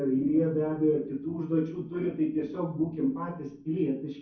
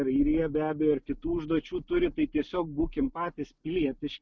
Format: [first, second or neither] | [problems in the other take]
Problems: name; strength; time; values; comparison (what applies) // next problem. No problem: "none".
second | room echo; dies away in 0.6 s